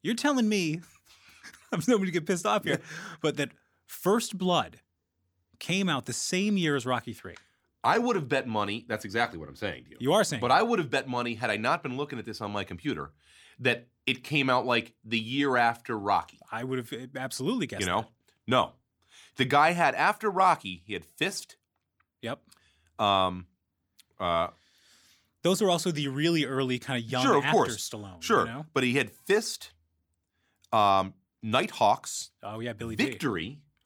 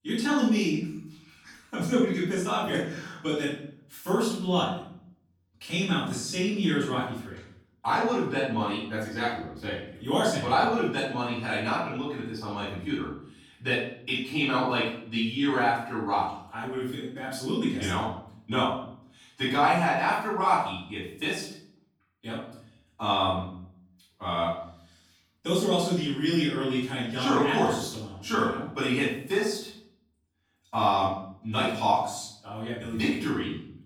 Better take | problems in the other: first | off-mic speech; far // room echo; noticeable; dies away in 0.6 s

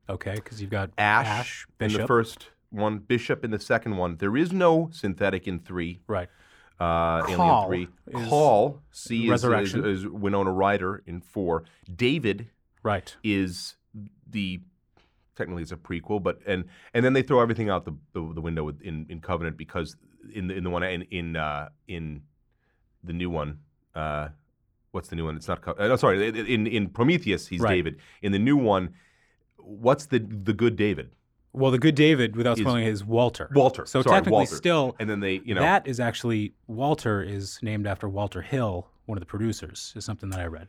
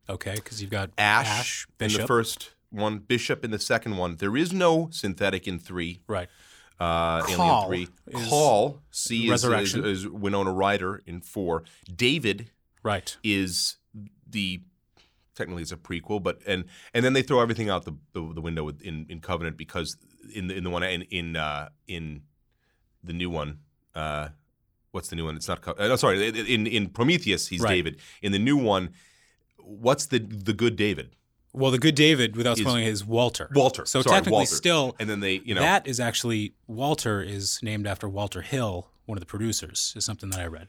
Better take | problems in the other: second | muffled; slightly; fading above 3 kHz

